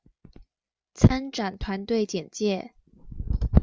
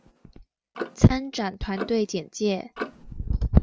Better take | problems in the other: first | background sound (Clock); 15 dB below the speech

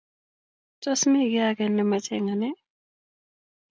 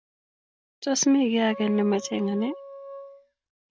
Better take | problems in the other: first | background sound (Wind instrument, woodwind instrument); 15 dB below the speech

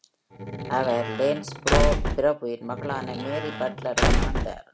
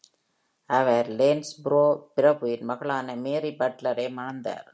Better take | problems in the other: second | background sound (Squeak / Slam / Wood); 2 dB above the speech

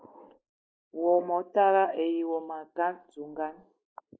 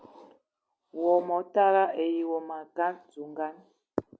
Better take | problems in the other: second | noise reduction (neural mask model Resemble Enhance denoiser)

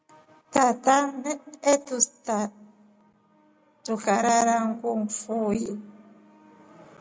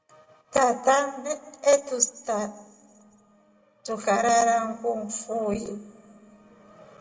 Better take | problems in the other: first | room echo; dies away in 1 s

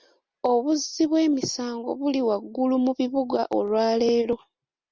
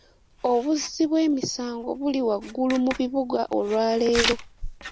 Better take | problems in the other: first | background sound (Writing); 11 dB below the speech

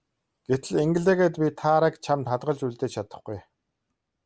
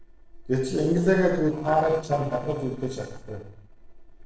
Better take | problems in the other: first | noise reduction (neural separator model SepFormer DNS4)

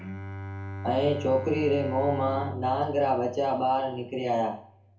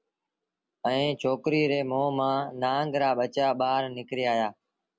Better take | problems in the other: second | background sound (Bowed string instrument); 11 dB below the speech // room echo; dies away in 0.6 s

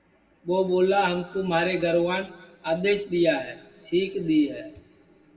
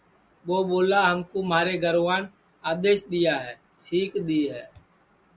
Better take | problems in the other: second | room echo; dies away in 1.1 s

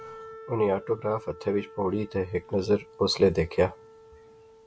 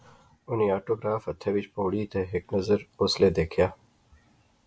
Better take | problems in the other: second | background sound (Wind instrument, woodwind instrument); 19 dB below the speech

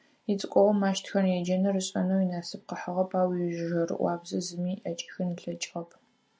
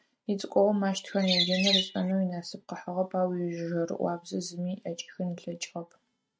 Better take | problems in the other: first | noise reduction (neural mask model RNNoise)

